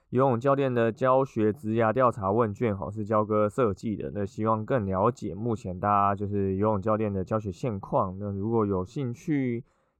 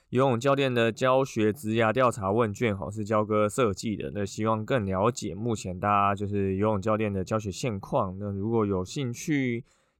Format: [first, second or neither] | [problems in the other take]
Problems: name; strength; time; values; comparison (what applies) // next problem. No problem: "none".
second | muffled; slightly; fading above 2 kHz